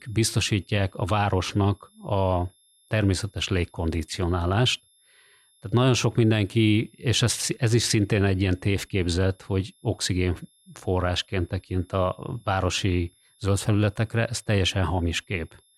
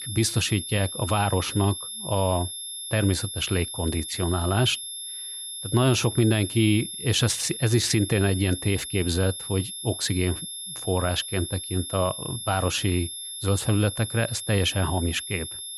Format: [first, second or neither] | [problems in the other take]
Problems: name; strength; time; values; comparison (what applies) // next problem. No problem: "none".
first | high-pitched whine; loud; throughout; 3.5 kHz, 7 dB below the speech; faint in the first